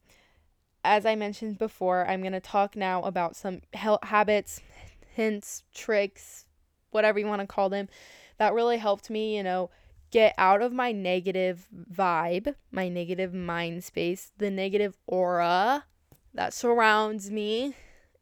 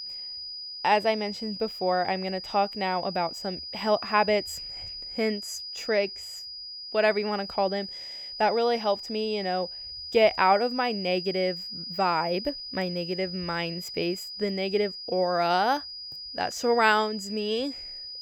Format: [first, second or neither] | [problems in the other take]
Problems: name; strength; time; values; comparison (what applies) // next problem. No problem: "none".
first | high-pitched whine; loud; throughout; 5 kHz, 9 dB below the speech